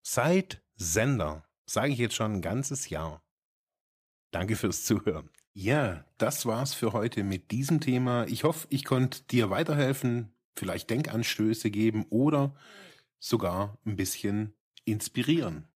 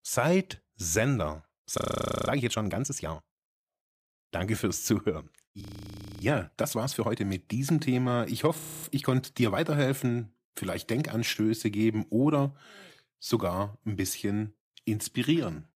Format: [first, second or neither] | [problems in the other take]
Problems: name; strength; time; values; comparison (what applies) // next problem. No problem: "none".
first | audio freezing; at 2 s, at 5.5 s for 0.5 s and at 8.5 s